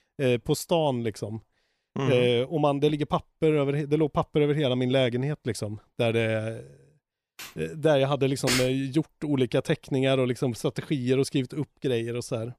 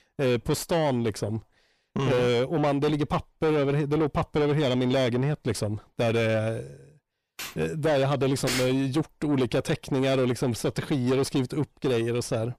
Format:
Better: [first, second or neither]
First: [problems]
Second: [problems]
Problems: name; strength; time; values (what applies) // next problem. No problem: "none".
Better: first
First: none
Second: distortion; heavy; 7 dB below the speech